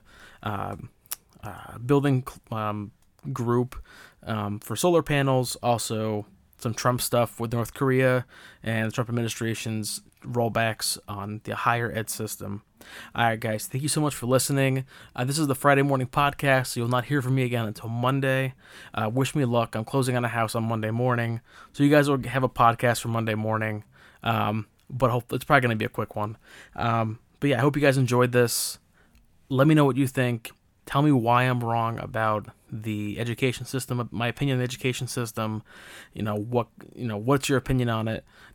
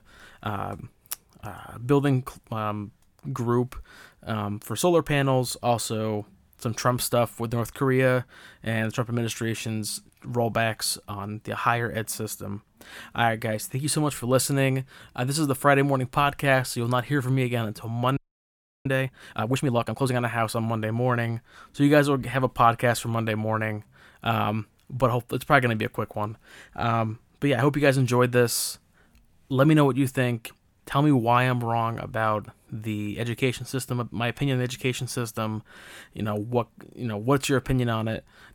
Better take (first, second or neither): first